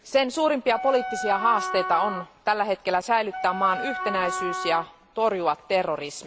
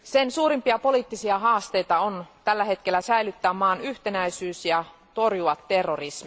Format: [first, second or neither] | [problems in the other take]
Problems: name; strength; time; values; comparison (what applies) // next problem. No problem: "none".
second | background sound (Wind instrument, woodwind instrument); 6 dB below the speech